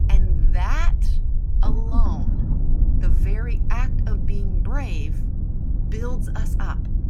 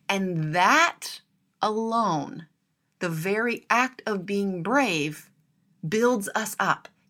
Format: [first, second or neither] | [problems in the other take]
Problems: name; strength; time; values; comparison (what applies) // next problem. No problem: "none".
second | low rumble; loud; throughout; 5 dB below the speech